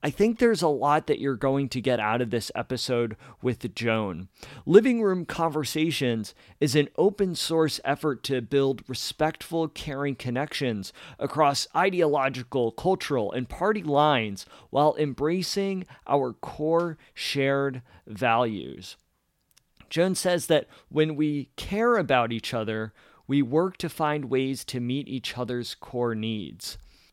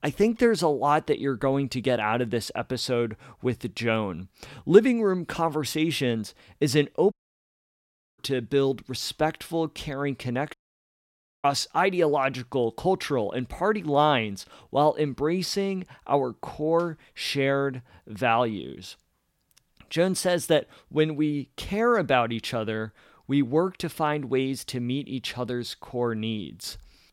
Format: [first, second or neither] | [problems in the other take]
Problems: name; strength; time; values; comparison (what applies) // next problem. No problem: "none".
first | audio cutting out; at 7 s for 1 s and at 11 s for 1 s